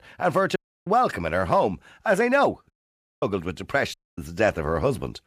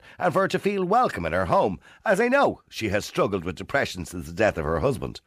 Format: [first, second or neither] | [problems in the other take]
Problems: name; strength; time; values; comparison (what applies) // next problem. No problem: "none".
second | audio cutting out; at 0.5 s, at 2.5 s for 0.5 s and at 4 s